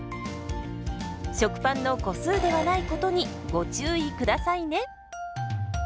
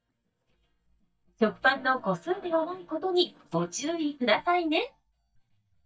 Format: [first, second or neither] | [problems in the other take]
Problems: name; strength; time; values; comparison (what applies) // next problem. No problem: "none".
first | noise reduction (neural mask model DeepFilterNet 3)